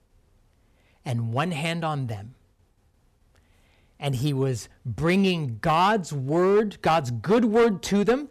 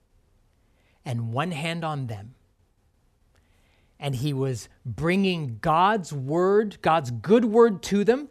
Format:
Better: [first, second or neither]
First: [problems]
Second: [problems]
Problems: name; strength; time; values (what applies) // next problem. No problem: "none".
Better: second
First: distortion; slight; 4% of the sound clipped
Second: none